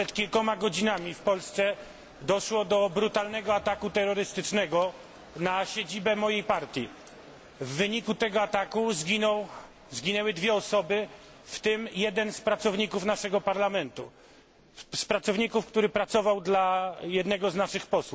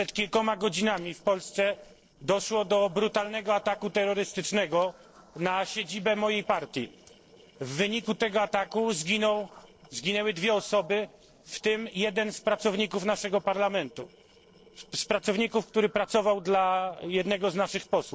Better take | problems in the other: first | noise reduction (neural separator model SepFormer DNS4)

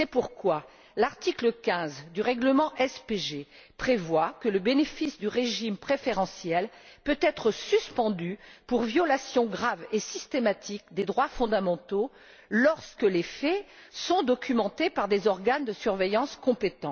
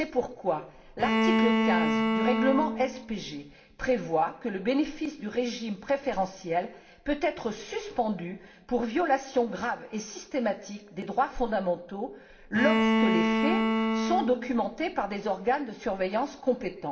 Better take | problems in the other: first | background sound (Bowed string instrument); 3 dB above the speech // room echo; dies away in 1.6 s

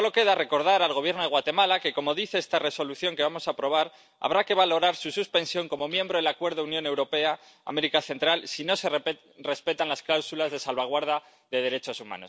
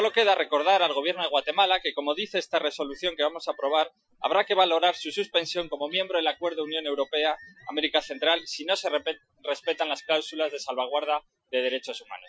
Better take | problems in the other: first | noise reduction (classical method Wiener filter)

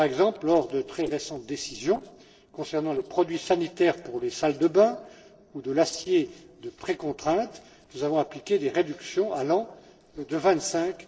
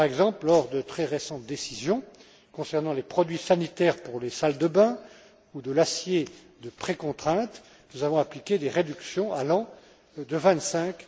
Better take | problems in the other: second | noise reduction (neural separator model SepFormer DNS4)

